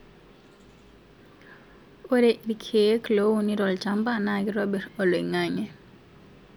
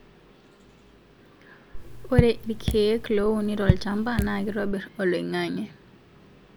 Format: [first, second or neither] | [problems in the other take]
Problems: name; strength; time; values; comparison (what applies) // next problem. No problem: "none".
first | background sound (Raindrop / Drip); as loud as the speech